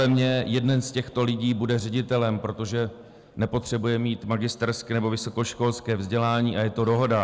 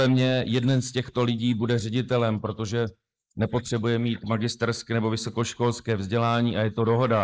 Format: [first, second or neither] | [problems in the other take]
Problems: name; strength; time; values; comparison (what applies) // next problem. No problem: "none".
first | noise reduction (neural mask model Resemble Enhance denoiser)